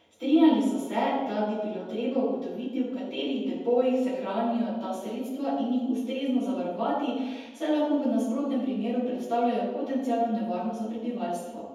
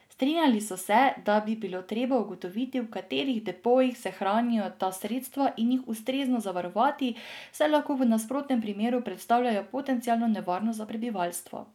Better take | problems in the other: second | room echo; dies away in 1.1 s

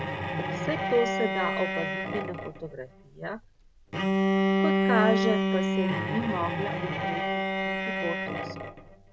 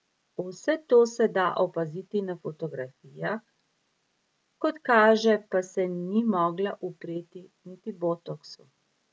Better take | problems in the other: second | background sound (Bowed string instrument); 4 dB above the speech

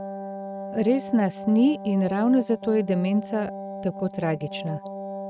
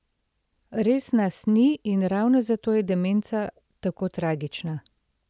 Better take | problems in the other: second | noise reduction (neural mask model RNNoise)

